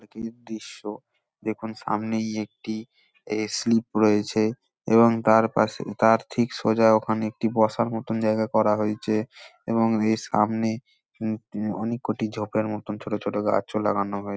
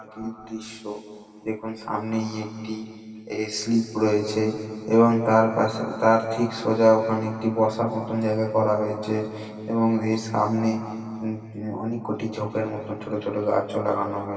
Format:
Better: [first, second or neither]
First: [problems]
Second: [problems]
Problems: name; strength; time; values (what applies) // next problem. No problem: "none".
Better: first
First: none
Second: room echo; dies away in 2.5 s